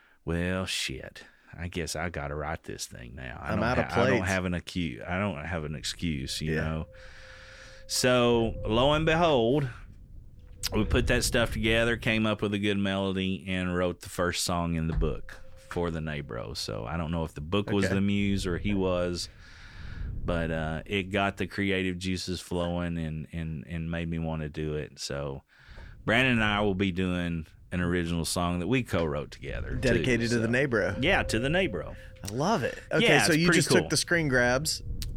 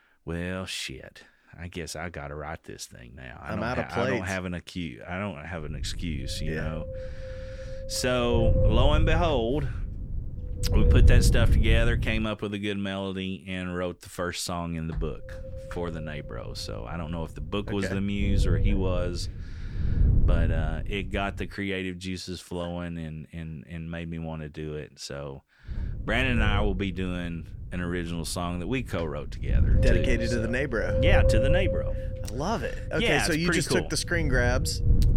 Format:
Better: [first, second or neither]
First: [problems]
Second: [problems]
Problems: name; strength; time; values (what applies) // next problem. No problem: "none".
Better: first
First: wind noise on the microphone; occasional gusts; from 5.5 to 12 s, from 15 to 22 s and from 26 s on; 20 dB below the speech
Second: wind noise on the microphone; heavy; from 5.5 to 12 s, from 15 to 22 s and from 26 s on; 4 dB below the speech